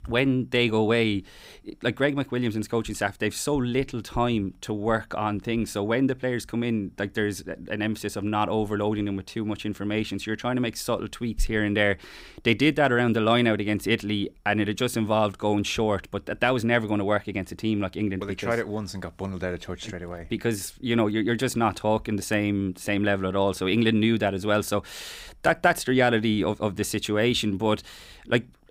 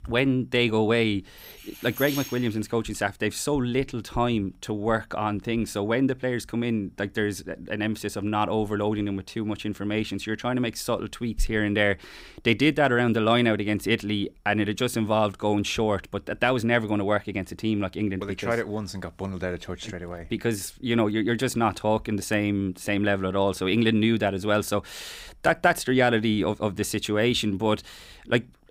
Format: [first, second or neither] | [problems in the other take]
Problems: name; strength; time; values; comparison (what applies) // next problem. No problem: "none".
first | jangling keys; noticeable; from 1.5 to 2.5 s; peak 8 dB below the speech